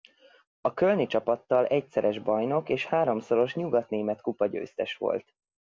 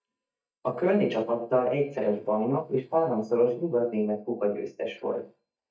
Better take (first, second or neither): first